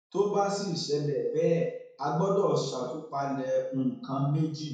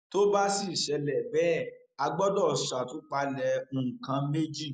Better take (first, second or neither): second